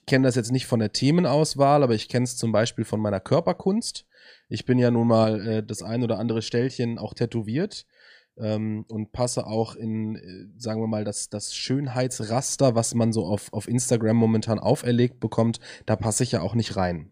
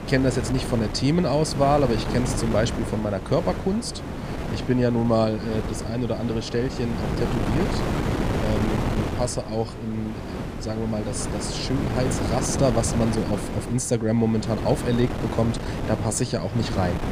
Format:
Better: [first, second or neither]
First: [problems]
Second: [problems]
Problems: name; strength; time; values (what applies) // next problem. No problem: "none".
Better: first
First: none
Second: wind noise on the microphone; heavy; 5 dB below the speech